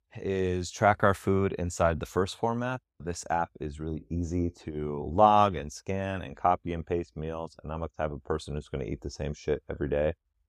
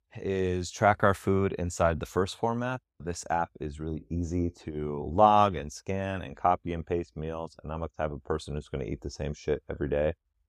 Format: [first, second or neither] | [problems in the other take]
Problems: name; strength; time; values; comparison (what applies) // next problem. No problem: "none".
neither | none